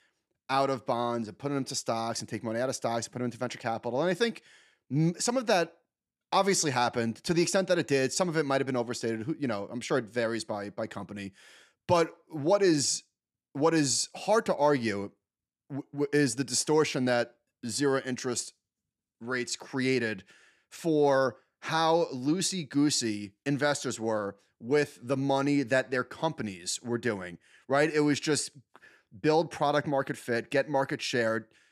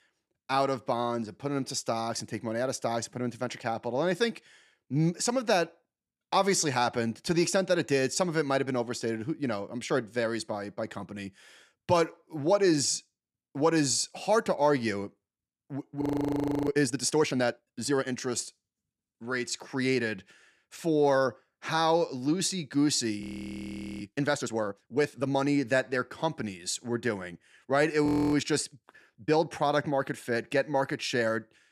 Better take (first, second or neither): first